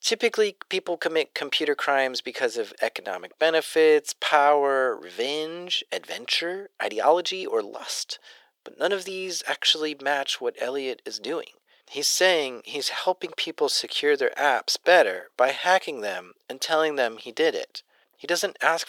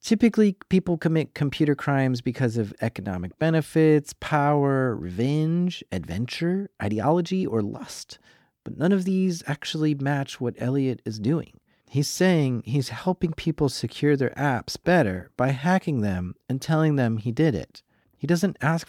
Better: second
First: thin; very; fading below 500 Hz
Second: none

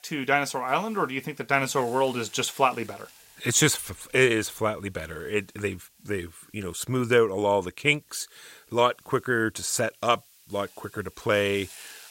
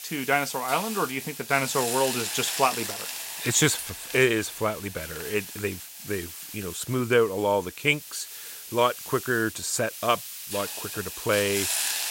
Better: first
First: hiss; faint; throughout; 25 dB below the speech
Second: hiss; loud; throughout; 6 dB below the speech

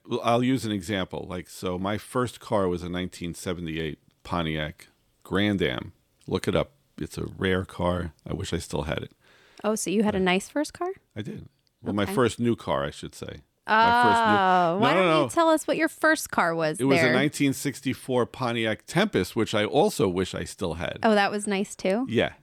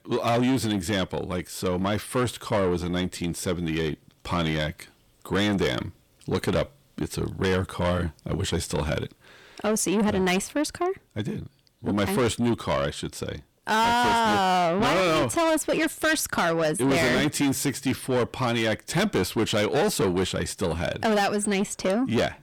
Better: first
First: none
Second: distortion; heavy; 7 dB below the speech

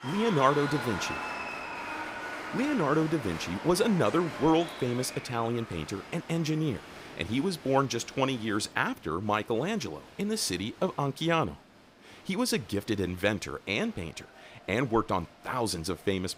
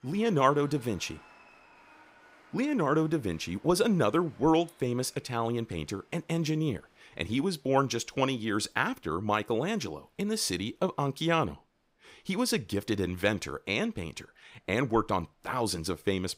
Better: second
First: crowd noise; loud; throughout; 9 dB below the speech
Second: crowd noise; faint; throughout; 30 dB below the speech

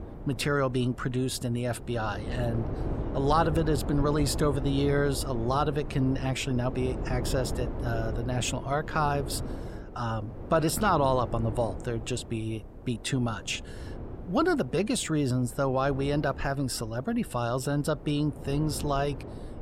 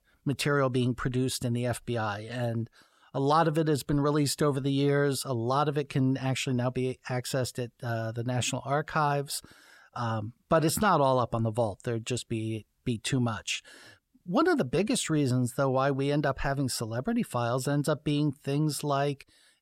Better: second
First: wind noise on the microphone; occasional gusts; 15 dB below the speech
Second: none

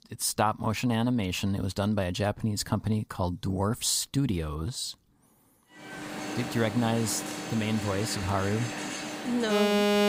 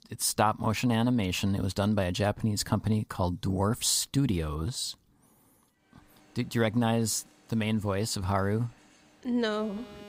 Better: second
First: alarms or sirens; loud; from 6 s on; 3 dB below the speech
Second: alarms or sirens; faint; from 6 s on; 30 dB below the speech

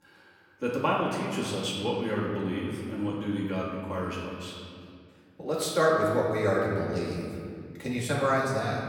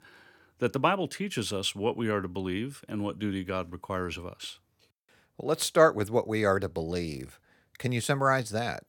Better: second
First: room echo; noticeable; dies away in 2.3 s // off-mic speech; far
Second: none

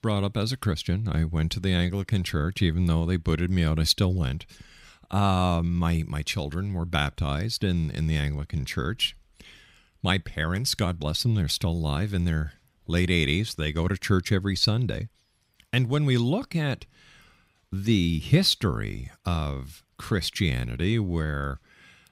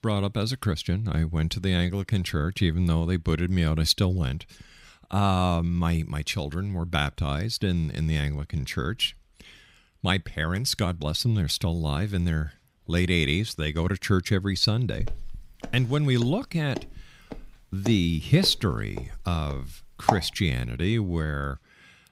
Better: first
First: none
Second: footsteps; noticeable; from 15 to 20 s; peak level with the speech

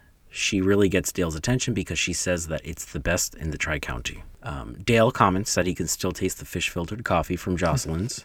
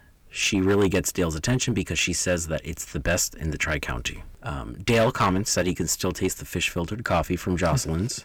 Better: first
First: none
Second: distortion; slight; 3% of the sound clipped

